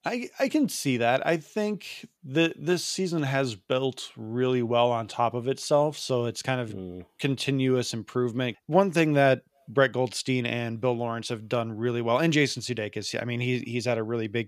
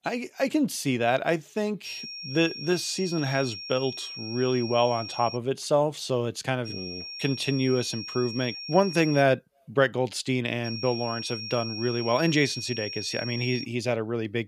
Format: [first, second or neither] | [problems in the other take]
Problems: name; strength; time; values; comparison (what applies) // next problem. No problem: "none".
first | high-pitched whine; loud; from 2 to 5.5 s, from 6.5 to 9 s and from 11 to 14 s; 5.5 kHz, 8 dB below the speech